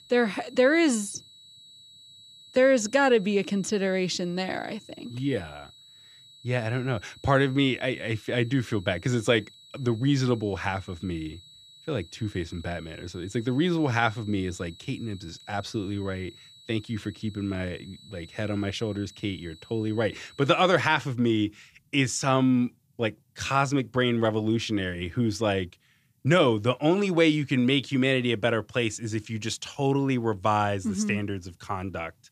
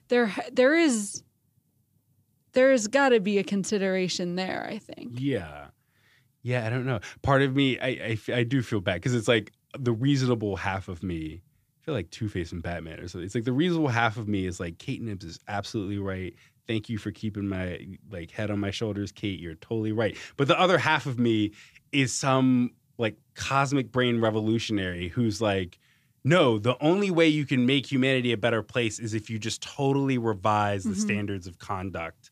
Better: second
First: high-pitched whine; faint; until 21 s; 4 kHz, 25 dB below the speech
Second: none

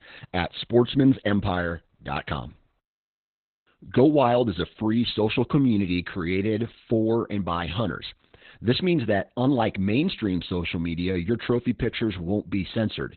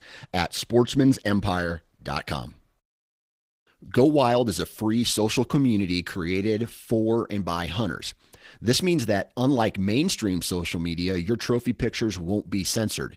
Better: second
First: garbled, watery; badly; nothing above 4 kHz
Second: garbled, watery; slightly; nothing above 15.5 kHz

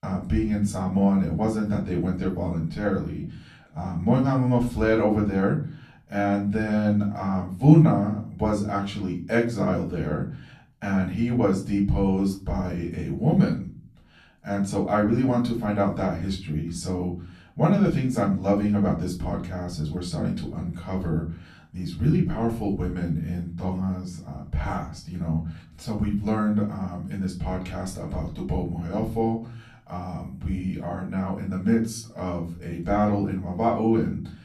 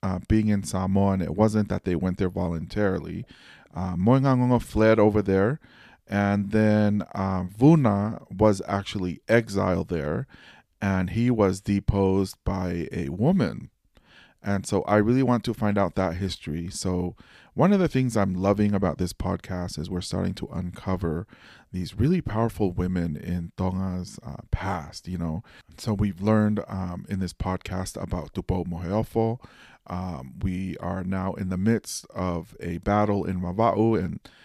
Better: second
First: off-mic speech; far // room echo; slight; dies away in 0.4 s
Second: none

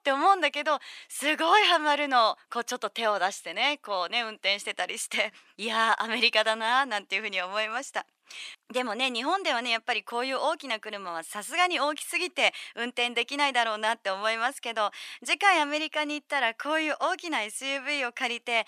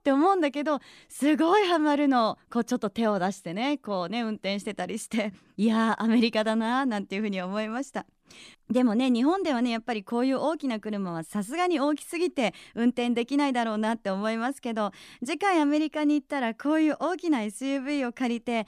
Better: second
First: thin; very; fading below 750 Hz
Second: none

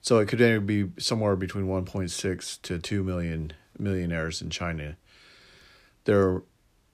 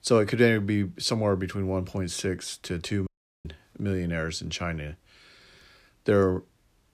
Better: first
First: none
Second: audio cutting out; at 3 s

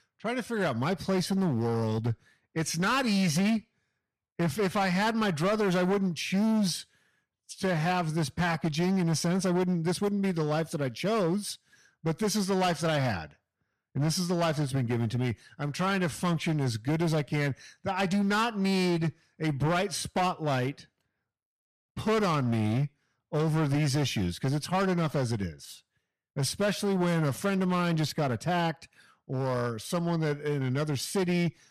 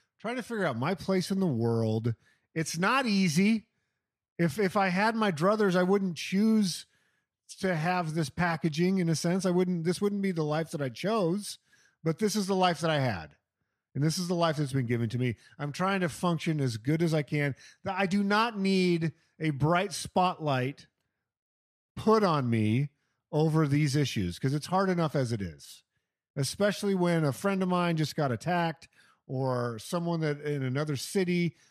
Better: second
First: distortion; slight; 14% of the sound clipped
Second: none

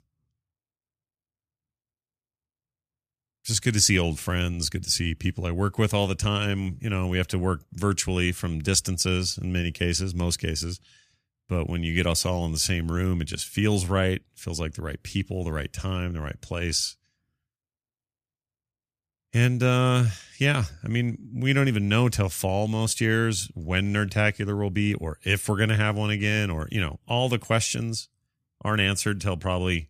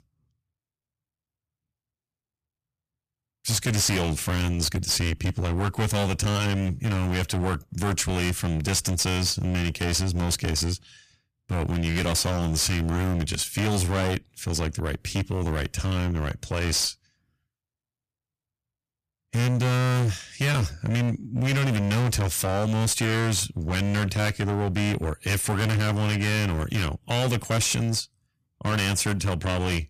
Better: first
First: none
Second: distortion; heavy; 23% of the sound clipped

